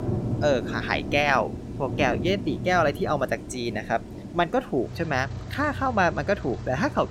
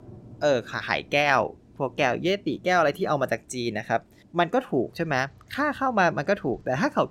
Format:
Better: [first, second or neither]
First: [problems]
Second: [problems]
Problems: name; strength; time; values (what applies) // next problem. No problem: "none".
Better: second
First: rain or running water; loud; throughout; 8 dB below the speech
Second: rain or running water; faint; throughout; 25 dB below the speech